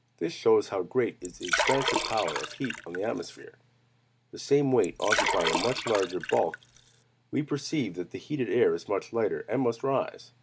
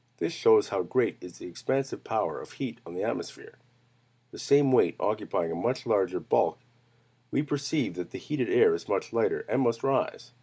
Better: second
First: background sound (Liquid); 3 dB below the speech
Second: none

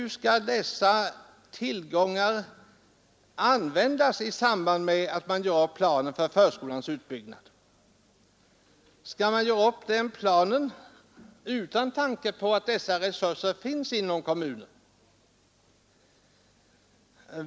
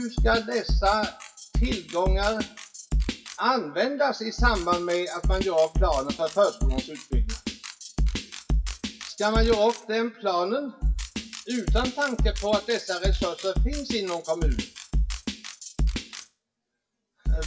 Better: first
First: none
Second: noise reduction (classical method WPE with log-MMSE)

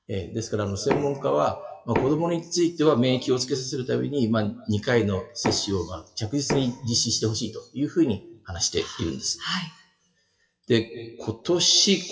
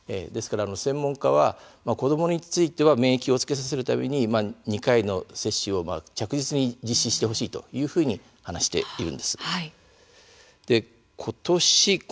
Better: second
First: noise reduction (classical method WPE with log-MMSE)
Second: none

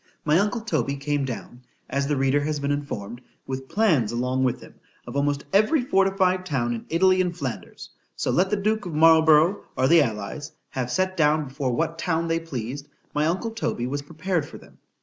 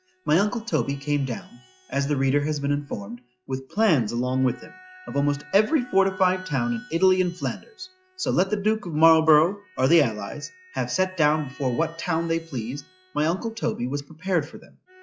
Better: first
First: none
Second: noise reduction (classical method log-MMSE)

